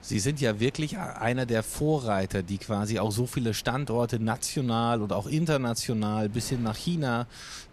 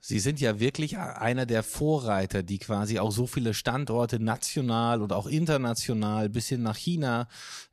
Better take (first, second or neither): second